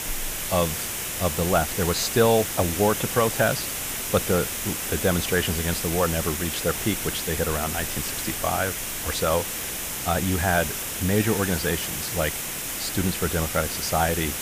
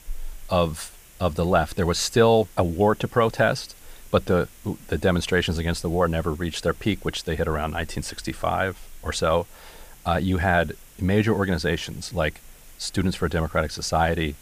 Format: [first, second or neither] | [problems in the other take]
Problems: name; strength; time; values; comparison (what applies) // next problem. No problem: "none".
second | hiss; loud; throughout; 2 dB below the speech; faint in the second